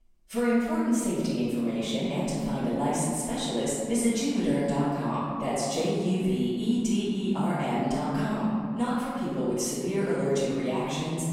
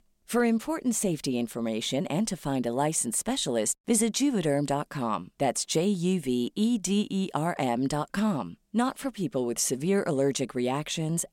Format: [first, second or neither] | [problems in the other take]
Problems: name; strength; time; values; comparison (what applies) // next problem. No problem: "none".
second | off-mic speech; far // room echo; strong; dies away in 2.1 s